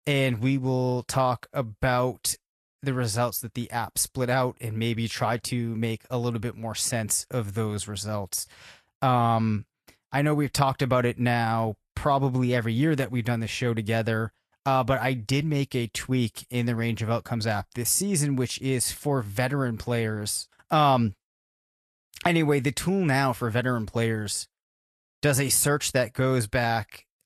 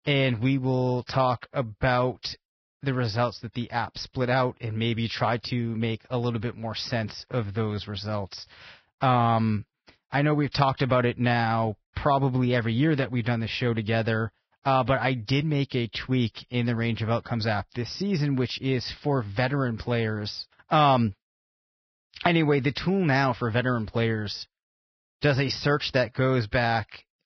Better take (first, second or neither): first